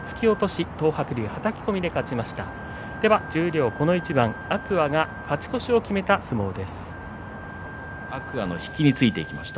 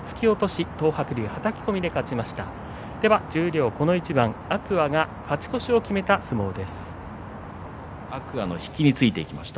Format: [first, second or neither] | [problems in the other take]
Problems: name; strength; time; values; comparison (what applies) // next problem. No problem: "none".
second | background sound (Wind instrument, woodwind instrument); 17 dB below the speech